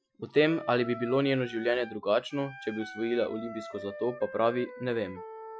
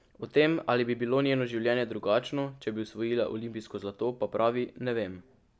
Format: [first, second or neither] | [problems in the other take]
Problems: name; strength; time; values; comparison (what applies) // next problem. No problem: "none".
second | noise reduction (classical method Wiener filter)